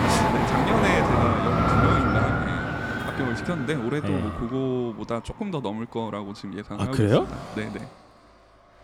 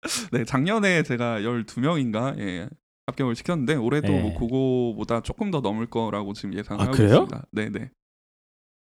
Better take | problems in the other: second | traffic noise; very loud; throughout; 4 dB above the speech

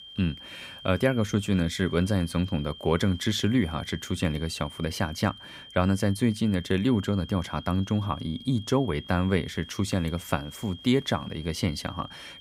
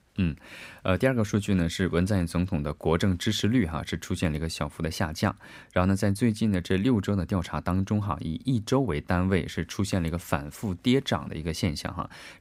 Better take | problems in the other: second | high-pitched whine; noticeable; throughout; 3 kHz, 15 dB below the speech

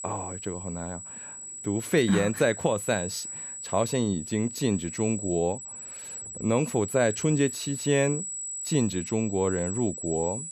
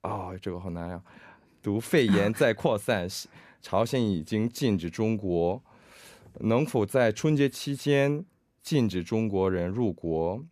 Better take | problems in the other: second | high-pitched whine; loud; throughout; 8 kHz, 7 dB below the speech

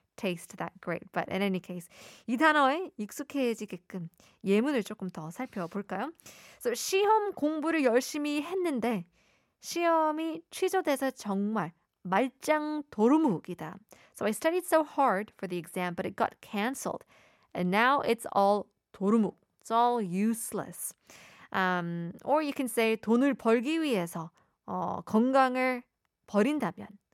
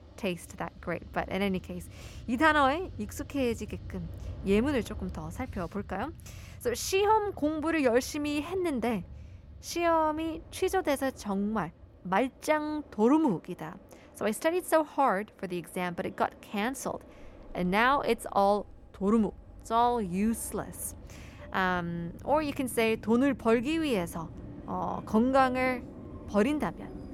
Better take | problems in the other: first | train or aircraft noise; noticeable; throughout; 20 dB below the speech

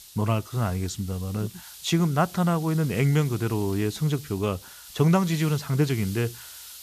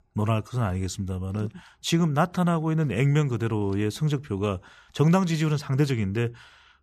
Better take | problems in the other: second | hiss; noticeable; throughout; 15 dB below the speech

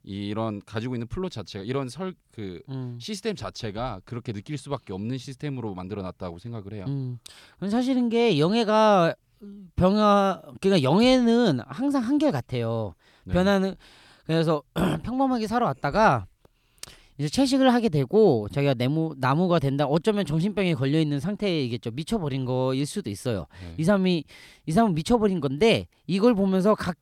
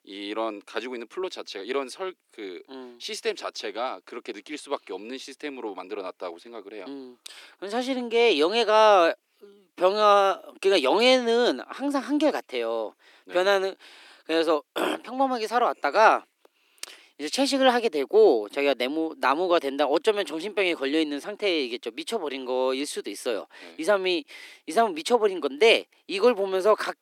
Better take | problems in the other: first | thin; somewhat; fading below 300 Hz

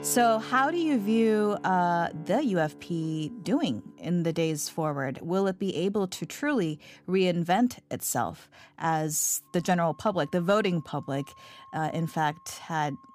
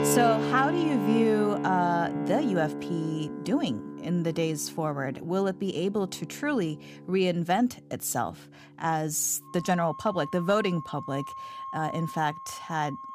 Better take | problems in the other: first | background music; loud; throughout; 6 dB below the speech; faint in the first

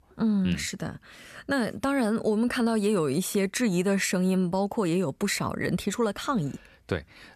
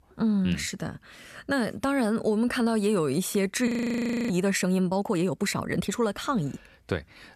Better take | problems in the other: first | audio freezing; at 3.5 s for 0.5 s

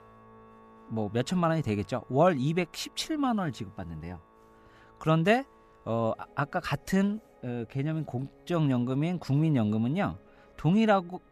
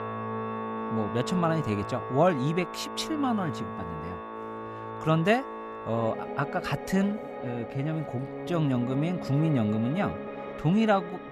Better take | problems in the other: first | background music; loud; throughout; 8 dB below the speech; faint in the first

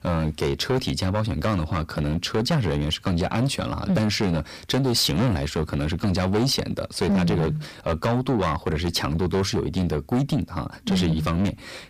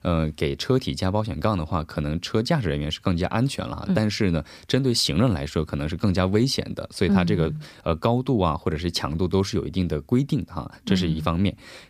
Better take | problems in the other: second | distortion; heavy; 7 dB below the speech

